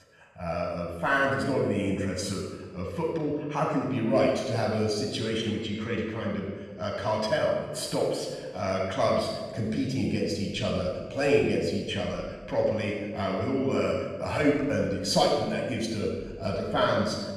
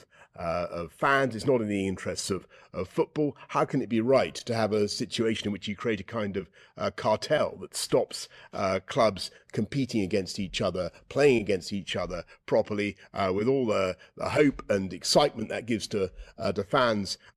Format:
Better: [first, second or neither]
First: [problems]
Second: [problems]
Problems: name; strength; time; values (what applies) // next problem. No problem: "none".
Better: second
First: off-mic speech; far // room echo; noticeable; dies away in 1.2 s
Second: none